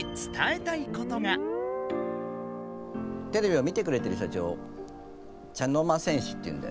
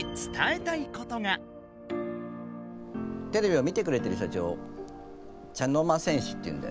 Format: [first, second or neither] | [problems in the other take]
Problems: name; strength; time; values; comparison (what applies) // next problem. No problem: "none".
second | background sound (Guitar); 8 dB below the speech